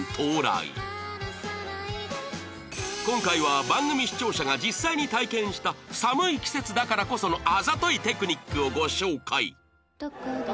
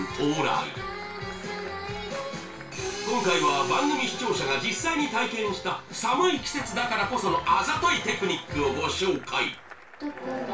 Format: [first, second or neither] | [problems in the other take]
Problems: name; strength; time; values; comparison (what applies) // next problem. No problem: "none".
first | background sound (Applause / Crowd / Cheering); 20 dB below the speech // room echo; dies away in 0.3 s